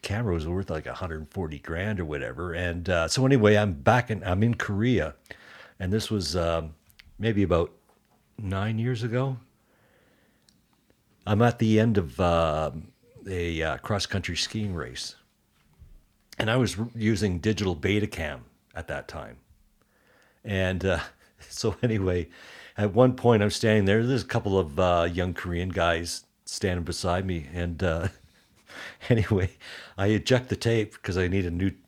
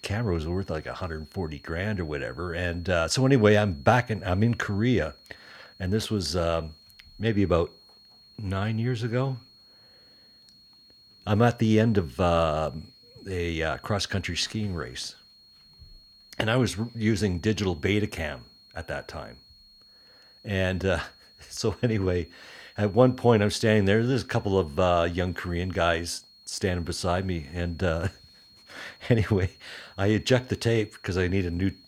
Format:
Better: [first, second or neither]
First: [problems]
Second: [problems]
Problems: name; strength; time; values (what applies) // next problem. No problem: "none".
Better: first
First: none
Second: high-pitched whine; faint; throughout; 4.5 kHz, 25 dB below the speech